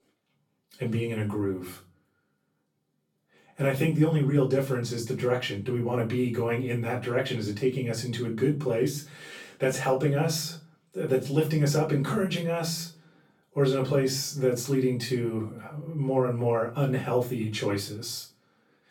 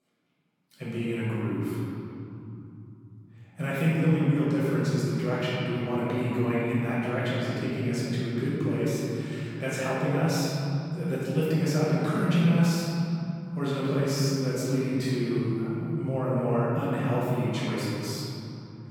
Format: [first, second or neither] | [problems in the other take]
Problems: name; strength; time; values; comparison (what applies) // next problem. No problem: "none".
first | room echo; strong; dies away in 3 s; slight in the first // off-mic speech; far; far in the first